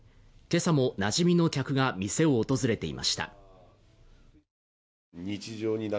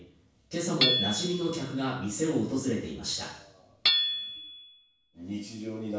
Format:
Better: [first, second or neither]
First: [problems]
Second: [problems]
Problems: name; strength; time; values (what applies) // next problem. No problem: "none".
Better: first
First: none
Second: background sound (Hammer / Chink, clink); 1 dB below the speech // room echo; dies away in 0.7 s